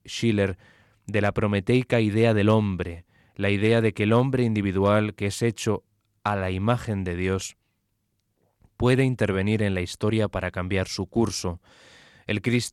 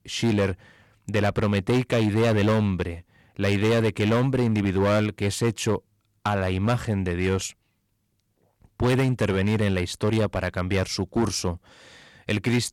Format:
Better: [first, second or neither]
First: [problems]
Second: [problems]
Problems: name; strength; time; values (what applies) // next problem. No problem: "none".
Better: first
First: none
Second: distortion; slight; 9% of the sound clipped